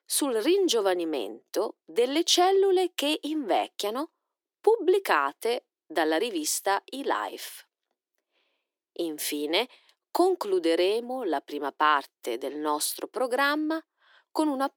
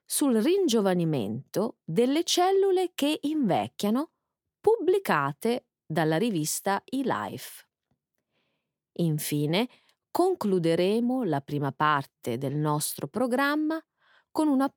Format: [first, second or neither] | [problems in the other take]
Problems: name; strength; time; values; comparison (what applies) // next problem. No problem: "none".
second | thin; somewhat; fading below 300 Hz